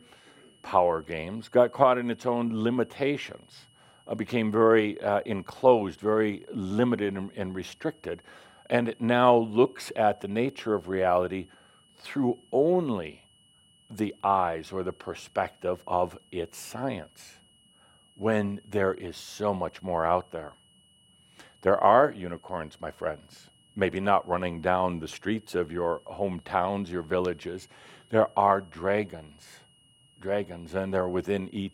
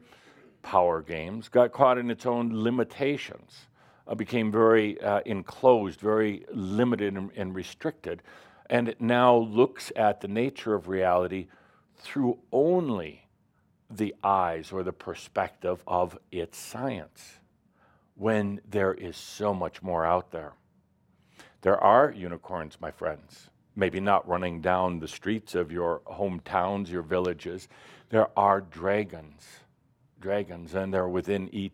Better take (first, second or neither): second